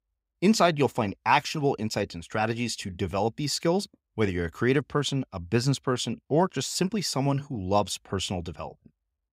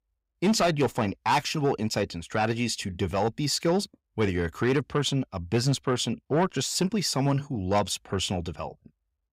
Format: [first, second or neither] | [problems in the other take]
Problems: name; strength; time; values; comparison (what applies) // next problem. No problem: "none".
first | distortion; slight; 10 dB below the speech